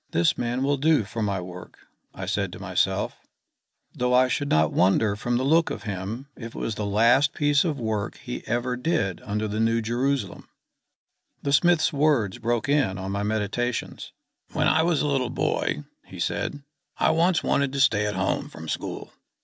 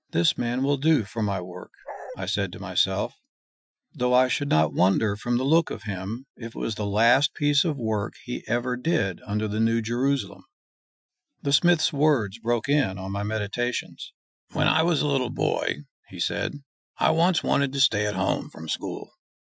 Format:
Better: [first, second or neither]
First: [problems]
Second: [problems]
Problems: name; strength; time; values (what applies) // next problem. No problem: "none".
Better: first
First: none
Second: noise reduction (classical method Wiener filter)